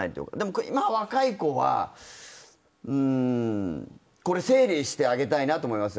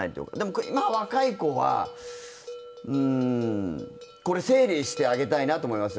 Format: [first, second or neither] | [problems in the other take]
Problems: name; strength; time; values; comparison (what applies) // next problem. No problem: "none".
first | background sound (Bell); 14 dB below the speech